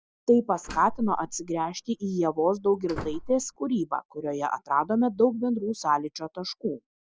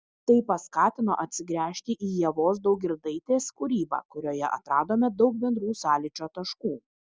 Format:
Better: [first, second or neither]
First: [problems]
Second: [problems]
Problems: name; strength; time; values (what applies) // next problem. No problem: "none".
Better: second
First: background sound (Slam); 14 dB below the speech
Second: none